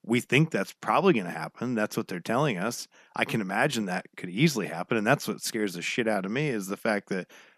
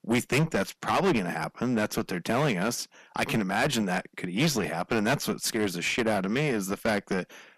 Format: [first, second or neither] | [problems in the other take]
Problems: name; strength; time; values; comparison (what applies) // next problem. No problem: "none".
first | distortion; heavy; 10% of the sound clipped